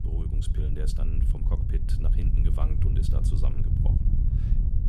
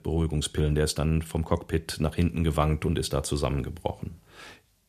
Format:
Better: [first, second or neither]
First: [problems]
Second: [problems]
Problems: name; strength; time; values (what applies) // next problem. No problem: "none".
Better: second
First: wind noise on the microphone; heavy; 1 dB above the speech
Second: none